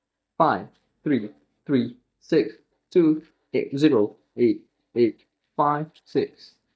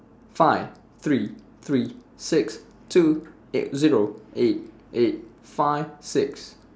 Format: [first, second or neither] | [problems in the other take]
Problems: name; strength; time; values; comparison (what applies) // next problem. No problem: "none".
second | noise reduction (neural mask model DeepFilterNet 3)